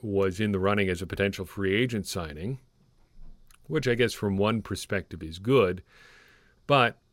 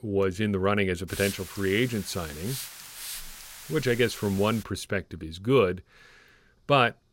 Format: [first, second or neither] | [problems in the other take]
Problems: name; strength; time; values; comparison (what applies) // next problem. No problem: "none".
first | hiss; noticeable; from 1 to 4.5 s; 10 dB below the speech